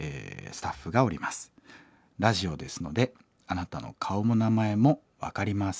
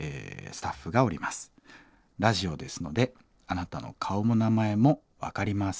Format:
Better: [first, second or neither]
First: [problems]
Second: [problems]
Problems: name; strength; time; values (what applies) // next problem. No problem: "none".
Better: first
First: none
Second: noise reduction (neural separator model SepFormer DNS4)